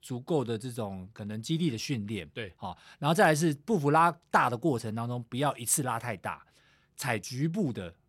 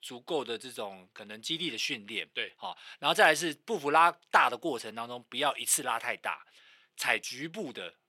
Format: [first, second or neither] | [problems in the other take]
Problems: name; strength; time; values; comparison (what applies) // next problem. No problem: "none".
first | thin; somewhat; fading below 400 Hz